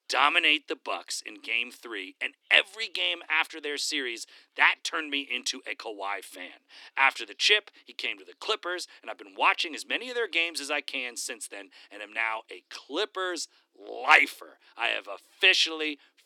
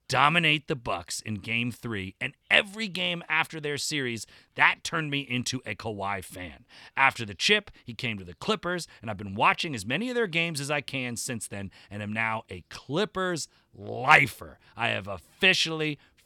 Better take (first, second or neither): second